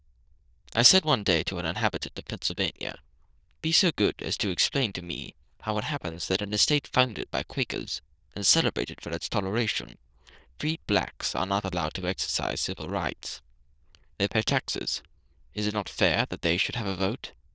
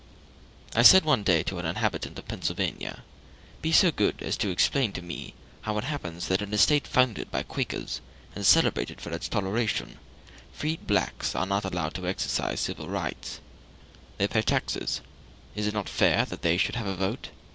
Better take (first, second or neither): second